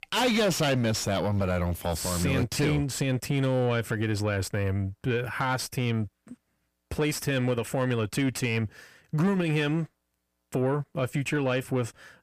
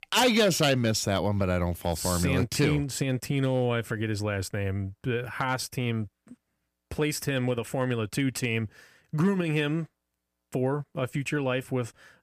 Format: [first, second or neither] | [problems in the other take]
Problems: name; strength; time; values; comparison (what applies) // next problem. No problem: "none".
second | distortion; slight; 10 dB below the speech